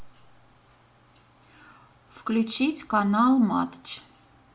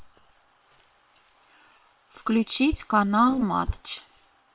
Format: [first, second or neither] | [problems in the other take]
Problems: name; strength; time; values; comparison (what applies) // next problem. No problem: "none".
first | noise reduction (neural separator model SepFormer WHAM!)